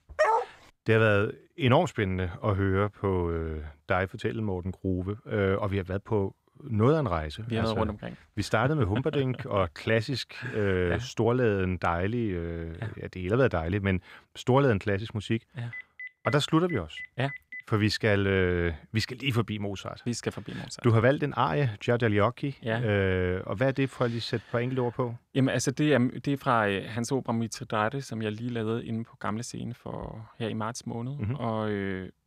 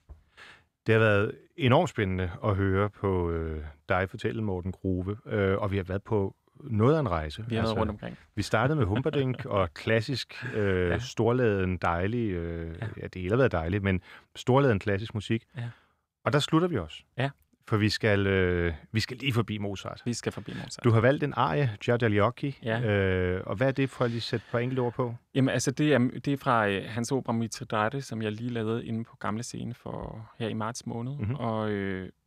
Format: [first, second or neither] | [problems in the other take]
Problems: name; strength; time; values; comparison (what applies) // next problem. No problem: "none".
second | dog barking; loud; at the start; peak 3 dB above the speech // phone ringing; faint; from 16 to 18 s; peak 10 dB below the speech